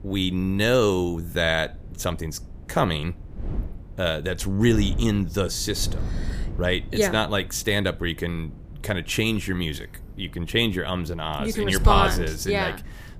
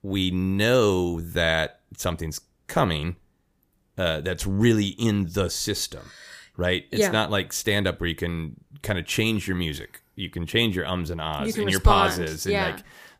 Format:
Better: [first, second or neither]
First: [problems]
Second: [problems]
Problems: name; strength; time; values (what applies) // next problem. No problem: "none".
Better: second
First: wind noise on the microphone; occasional gusts; 20 dB below the speech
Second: none